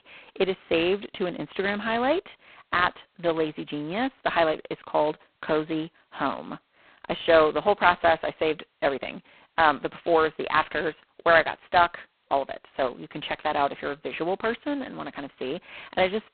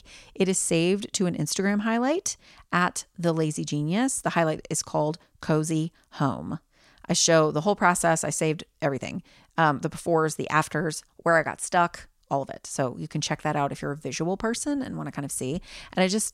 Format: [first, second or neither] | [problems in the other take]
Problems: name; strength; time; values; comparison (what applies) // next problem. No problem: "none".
second | phone-call audio; poor line; nothing above 4 kHz